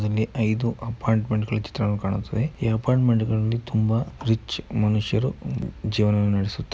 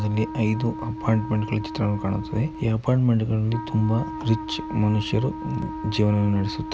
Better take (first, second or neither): first